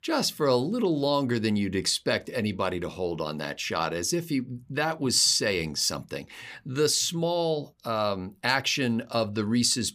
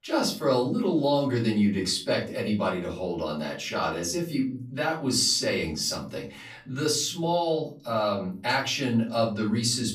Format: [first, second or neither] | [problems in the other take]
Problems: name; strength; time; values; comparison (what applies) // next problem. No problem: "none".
first | off-mic speech; far // room echo; slight; dies away in 0.3 s